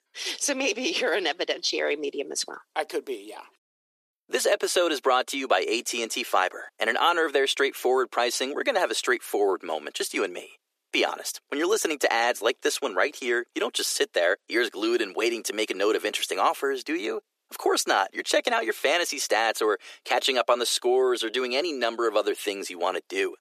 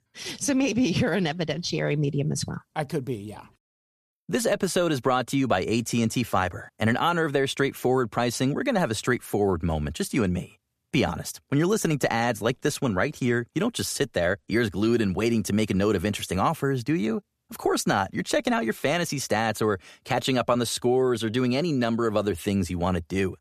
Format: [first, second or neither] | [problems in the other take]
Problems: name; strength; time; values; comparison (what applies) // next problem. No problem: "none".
second | thin; very; fading below 350 Hz